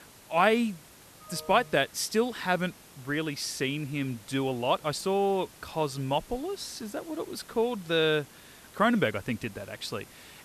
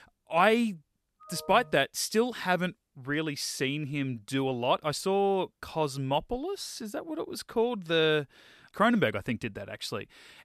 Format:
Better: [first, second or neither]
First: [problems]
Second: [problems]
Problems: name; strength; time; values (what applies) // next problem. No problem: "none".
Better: second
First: hiss; faint; throughout; 20 dB below the speech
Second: none